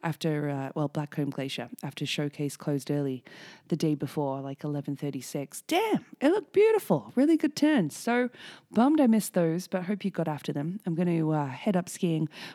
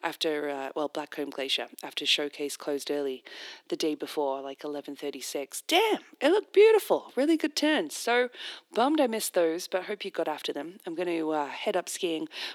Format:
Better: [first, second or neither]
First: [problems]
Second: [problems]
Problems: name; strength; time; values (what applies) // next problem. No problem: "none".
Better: first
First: none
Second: thin; somewhat; fading below 350 Hz